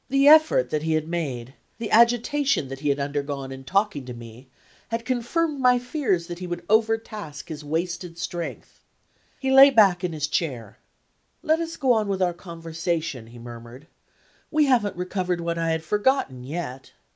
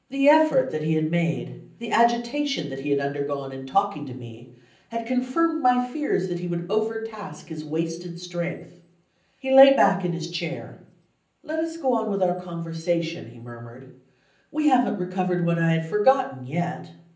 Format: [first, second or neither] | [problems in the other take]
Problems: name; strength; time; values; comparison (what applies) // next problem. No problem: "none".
first | room echo; dies away in 0.6 s